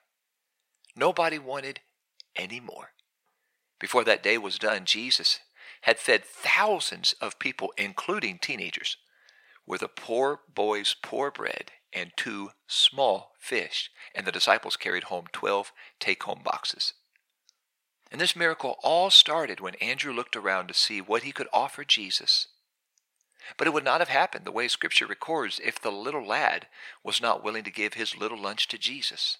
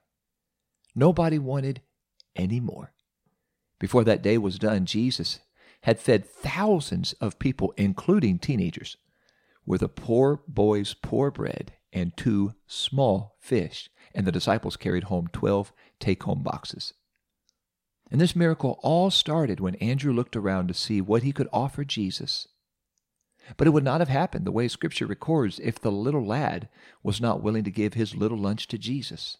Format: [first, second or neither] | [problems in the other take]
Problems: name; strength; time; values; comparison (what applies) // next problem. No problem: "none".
second | thin; very; fading below 750 Hz